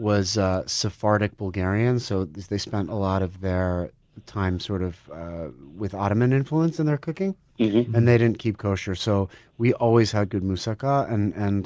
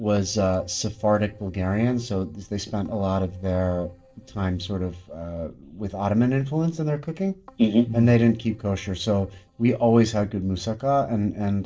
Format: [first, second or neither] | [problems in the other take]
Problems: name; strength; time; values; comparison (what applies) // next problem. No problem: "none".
first | noise reduction (neural separator model SepFormer DNS4)